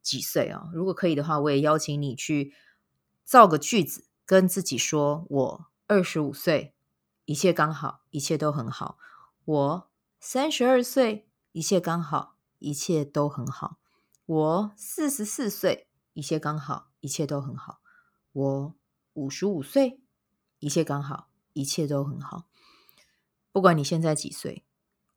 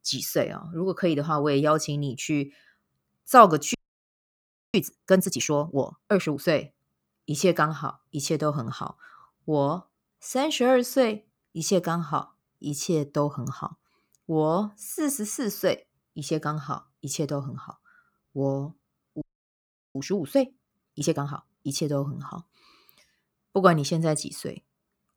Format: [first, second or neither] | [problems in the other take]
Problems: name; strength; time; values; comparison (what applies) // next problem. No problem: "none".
first | audio freezing; at 4 s for 1 s and at 19 s for 0.5 s